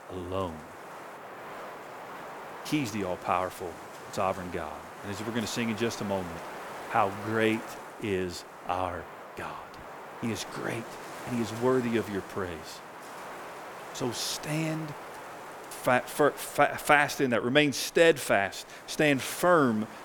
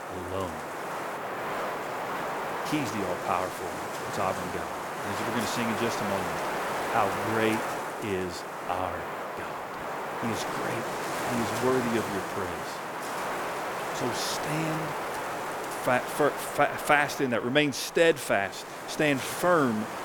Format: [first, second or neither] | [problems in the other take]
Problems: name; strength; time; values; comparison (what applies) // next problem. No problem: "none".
first | wind noise on the microphone; heavy; 3 dB below the speech; occasional gusts in the first